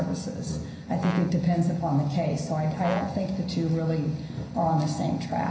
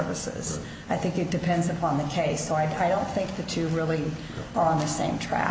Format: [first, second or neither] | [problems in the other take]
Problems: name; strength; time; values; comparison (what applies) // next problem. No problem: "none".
second | background sound (Brass instrument); 14 dB below the speech // room echo; dies away in 0.5 s